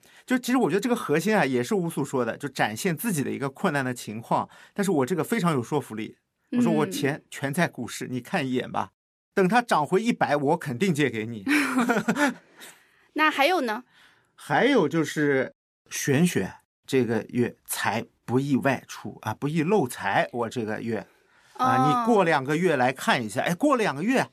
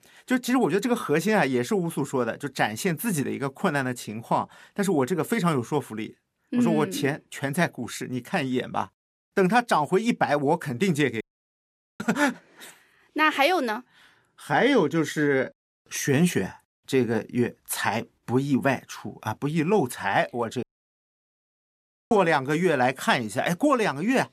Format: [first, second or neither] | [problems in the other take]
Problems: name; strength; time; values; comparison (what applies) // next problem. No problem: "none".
first | audio cutting out; at 11 s for 1 s and at 21 s for 1.5 s